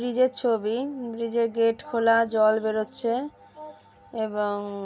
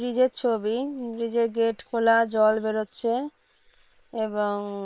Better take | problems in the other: first | noise reduction (neural separator model SepFormer WHAM!)

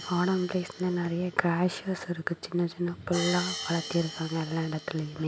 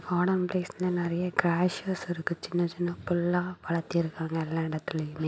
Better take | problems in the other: second | background sound (Hi-hat); 12 dB below the speech

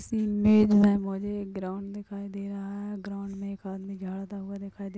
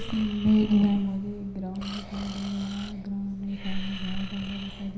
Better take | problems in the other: first | background sound (Breathing); 9 dB below the speech // room echo; dies away in 0.9 s

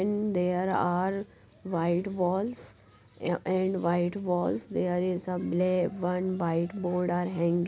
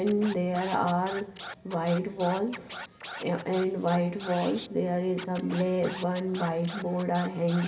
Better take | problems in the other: first | background sound (Scratching (performance technique)); 15 dB below the speech // room echo; dies away in 0.6 s

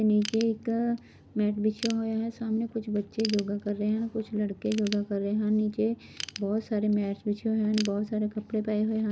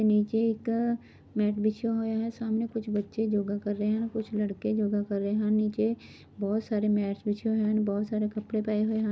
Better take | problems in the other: second | background sound (Ratchet, pawl / Tools); 17 dB below the speech

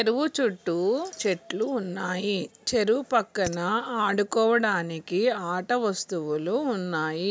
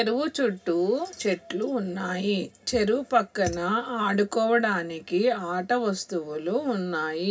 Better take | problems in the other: first | room echo; dies away in 0.4 s

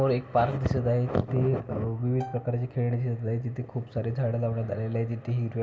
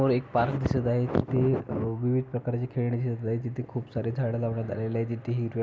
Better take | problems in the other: second | background sound (Bowed string instrument); 17 dB below the speech // room echo; dies away in 1.6 s

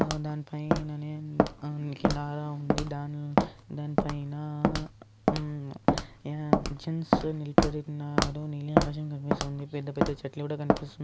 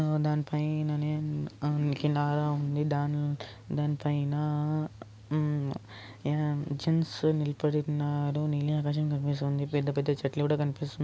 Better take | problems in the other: second | background sound (Walk, footsteps); 5 dB above the speech

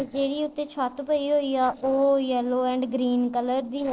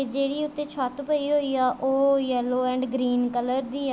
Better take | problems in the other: second | noise reduction (neural separator model SepFormer DNS4)

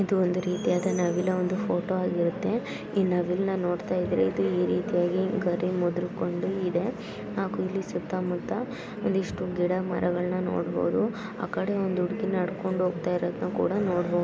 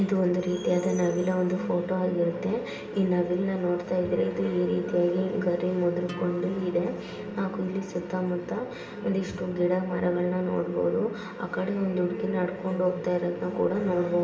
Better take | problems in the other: first | background sound (Acoustic guitar); 15 dB below the speech // room echo; dies away in 0.6 s

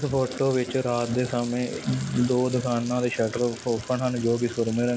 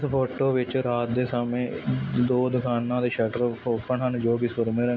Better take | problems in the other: second | background sound (Water tap, faucet); 18 dB below the speech

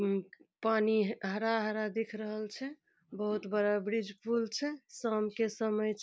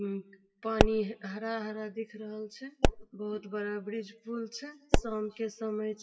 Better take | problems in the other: first | noise reduction (classical method WPE with log-MMSE)

